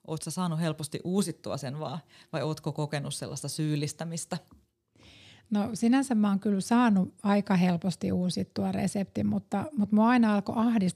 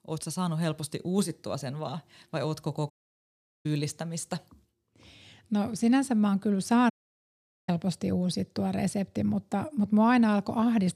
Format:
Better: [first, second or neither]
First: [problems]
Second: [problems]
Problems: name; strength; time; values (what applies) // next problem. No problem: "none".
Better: first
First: none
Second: audio cutting out; at 3 s for 1 s and at 7 s for 1 s